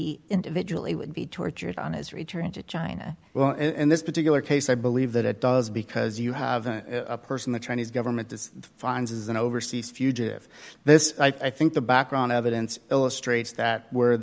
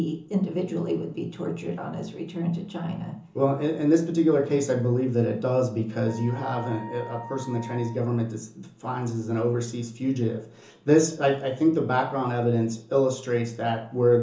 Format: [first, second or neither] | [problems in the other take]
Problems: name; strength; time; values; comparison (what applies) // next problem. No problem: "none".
first | background sound (Wind instrument, woodwind instrument); 17 dB below the speech // room echo; dies away in 0.8 s